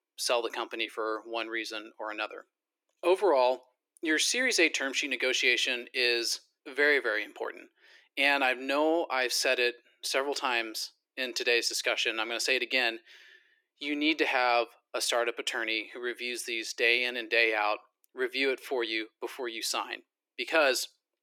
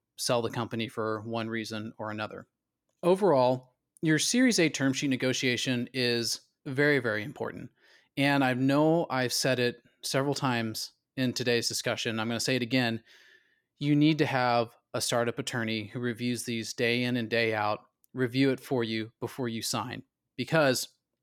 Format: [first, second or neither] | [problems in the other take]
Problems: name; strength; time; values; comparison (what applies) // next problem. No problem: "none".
second | thin; somewhat; fading below 350 Hz